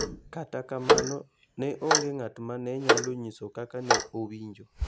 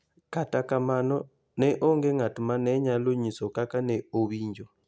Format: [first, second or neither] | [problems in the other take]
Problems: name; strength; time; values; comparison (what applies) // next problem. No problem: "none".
second | background sound (Clock); 5 dB above the speech